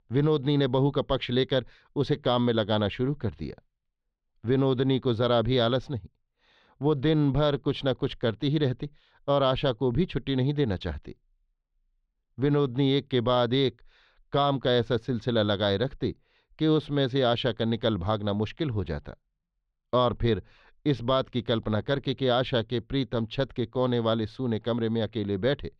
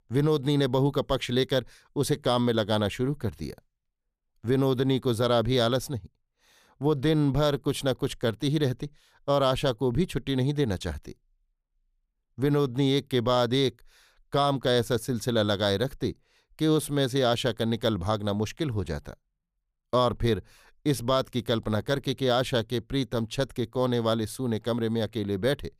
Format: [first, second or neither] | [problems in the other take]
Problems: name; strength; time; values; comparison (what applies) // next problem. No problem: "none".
second | muffled; slightly; fading above 3.5 kHz